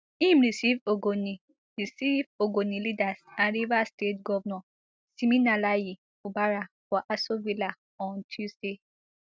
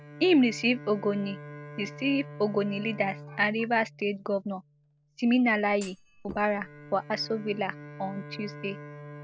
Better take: first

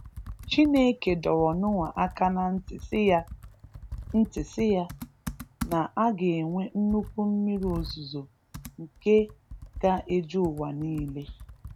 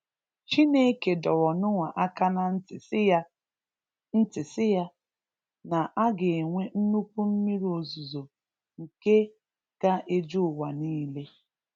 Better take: second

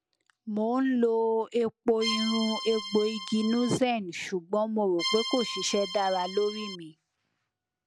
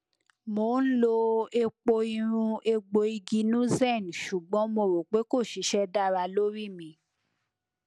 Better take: second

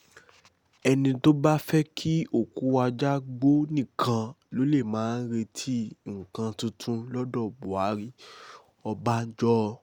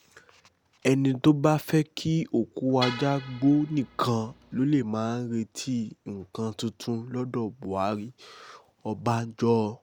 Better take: first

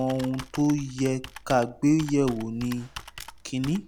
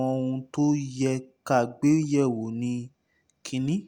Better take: second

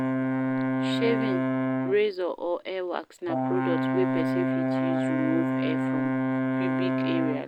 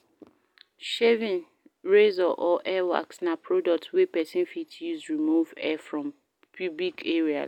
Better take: second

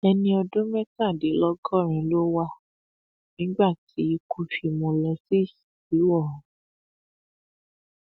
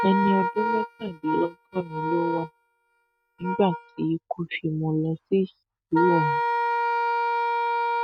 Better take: first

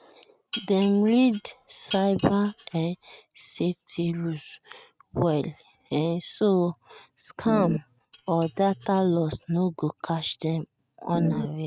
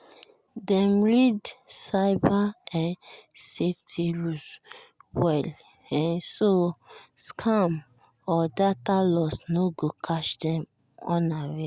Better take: second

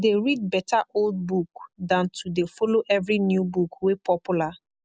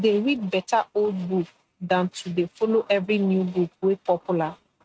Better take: first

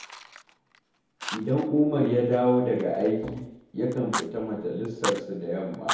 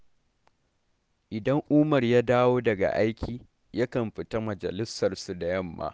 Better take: second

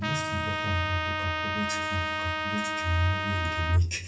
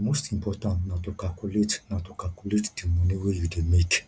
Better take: second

